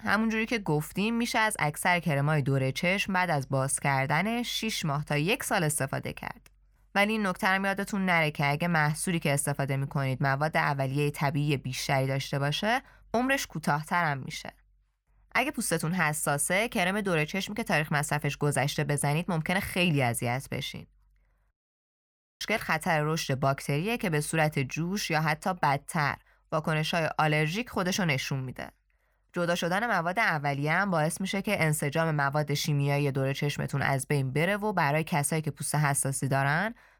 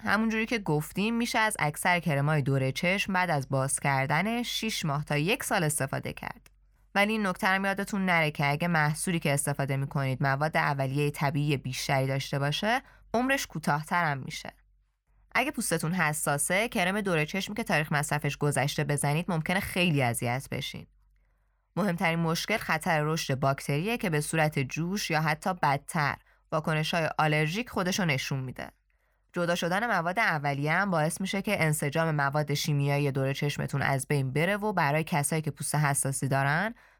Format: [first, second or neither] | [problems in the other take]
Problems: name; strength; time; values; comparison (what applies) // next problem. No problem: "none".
second | audio cutting out; at 22 s for 1 s